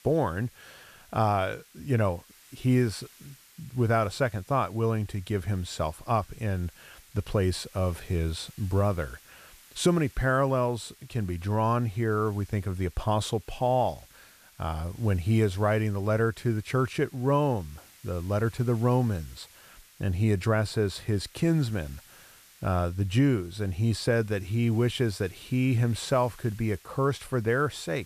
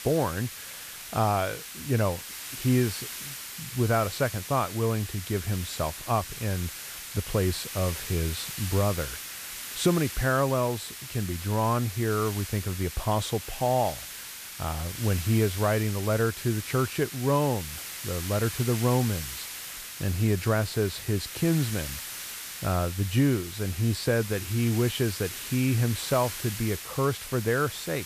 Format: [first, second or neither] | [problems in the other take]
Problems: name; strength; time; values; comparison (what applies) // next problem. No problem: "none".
first | hiss; loud; throughout; 8 dB below the speech; faint in the first